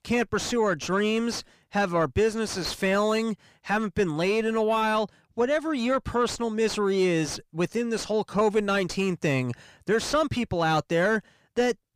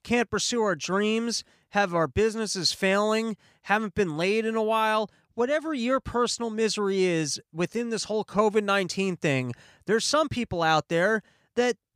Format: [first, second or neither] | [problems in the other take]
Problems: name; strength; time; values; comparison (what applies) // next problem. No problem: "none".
second | distortion; slight; 10 dB below the speech